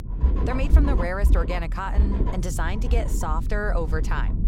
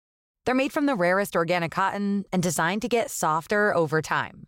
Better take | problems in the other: second | low rumble; loud; throughout; 7 dB below the speech

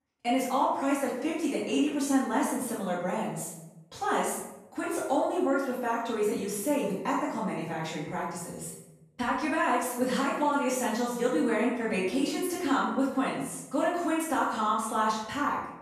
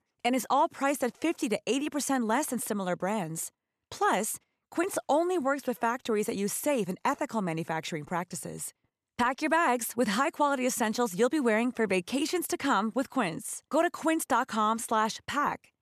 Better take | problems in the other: second | room echo; noticeable; dies away in 0.8 s // off-mic speech; far

